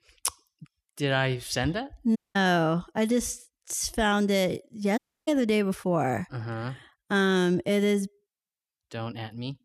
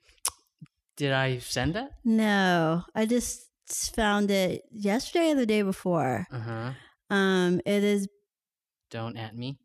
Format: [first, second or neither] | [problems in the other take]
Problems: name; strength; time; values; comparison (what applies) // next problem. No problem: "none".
second | audio cutting out; at 2 s and at 5 s